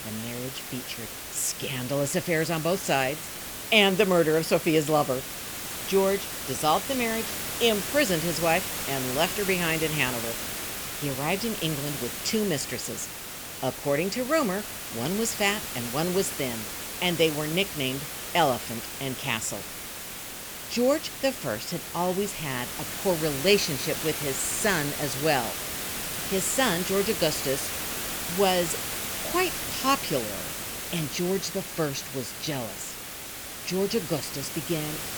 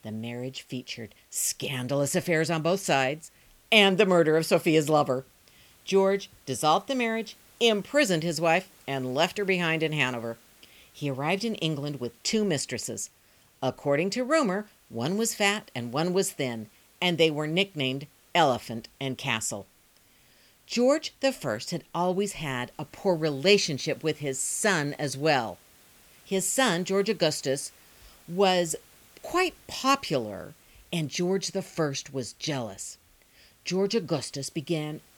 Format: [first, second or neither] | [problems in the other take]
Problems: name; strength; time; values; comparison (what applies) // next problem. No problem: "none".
second | hiss; loud; throughout; 5 dB below the speech; faint in the second